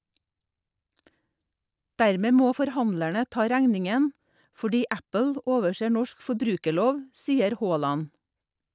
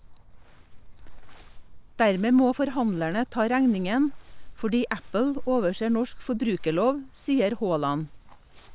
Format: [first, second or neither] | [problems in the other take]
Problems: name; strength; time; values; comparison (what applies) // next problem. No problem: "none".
first | background sound (Crumpling, crinkling); 13 dB below the speech